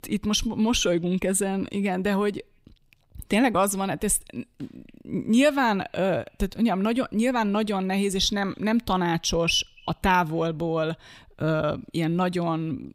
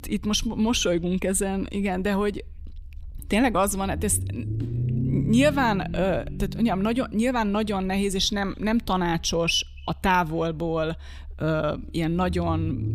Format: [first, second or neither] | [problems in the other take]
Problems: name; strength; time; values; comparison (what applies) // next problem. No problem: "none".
first | low rumble; noticeable; throughout; 15 dB below the speech